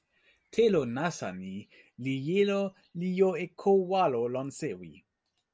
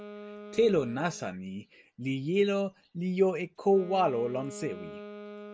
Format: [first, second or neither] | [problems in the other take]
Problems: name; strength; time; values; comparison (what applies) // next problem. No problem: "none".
first | background sound (Wind instrument, woodwind instrument); 16 dB below the speech